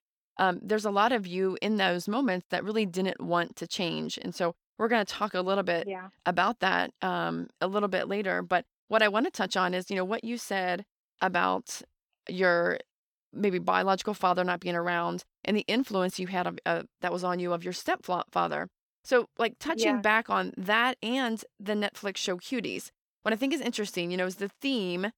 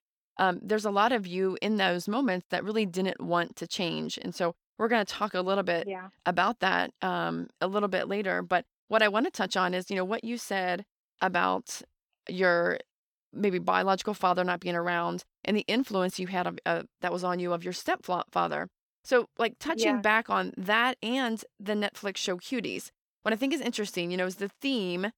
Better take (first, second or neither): neither